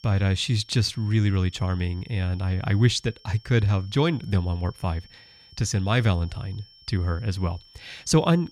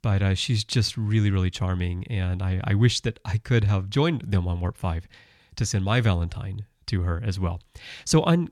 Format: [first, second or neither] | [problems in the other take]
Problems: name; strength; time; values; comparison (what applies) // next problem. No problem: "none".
second | high-pitched whine; faint; throughout; 5.5 kHz, 25 dB below the speech